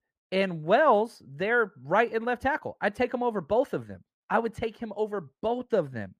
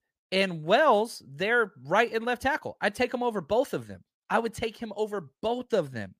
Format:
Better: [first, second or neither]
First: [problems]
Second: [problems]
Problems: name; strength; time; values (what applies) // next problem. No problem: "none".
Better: second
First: muffled; slightly; fading above 2.5 kHz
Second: none